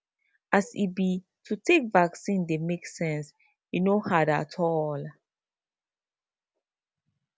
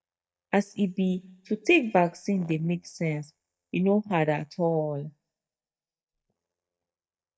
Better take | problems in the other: first | noise reduction (neural mask model DeepFilterNet 3)

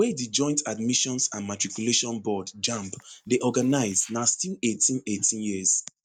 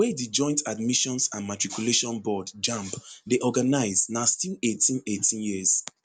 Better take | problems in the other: second | noise reduction (neural mask model DeepFilterNet 3)

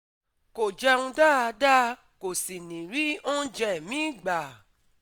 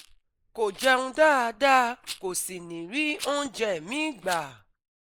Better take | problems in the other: first | noise reduction (neural mask model Resemble Enhance denoiser)

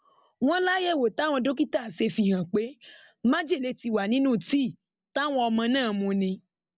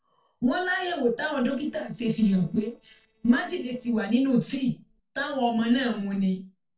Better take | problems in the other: first | noise reduction (neural separator model SepFormer DNS4)

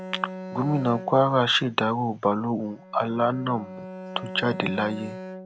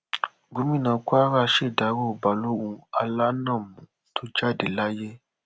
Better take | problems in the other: second | background sound (Bowed string instrument); 13 dB below the speech

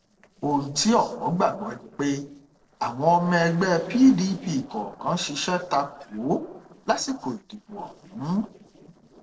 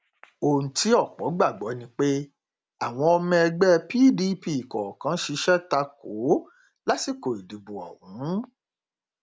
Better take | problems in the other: second | noise reduction (neural separator model SepFormer DNS4)

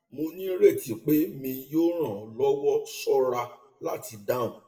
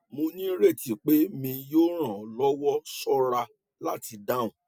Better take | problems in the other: second | room echo; dies away in 0.5 s

